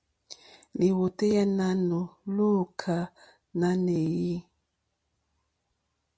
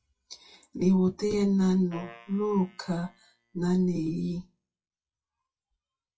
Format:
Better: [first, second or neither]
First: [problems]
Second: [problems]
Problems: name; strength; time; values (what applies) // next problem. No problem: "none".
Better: first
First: none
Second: noise reduction (classical method WPE with log-MMSE)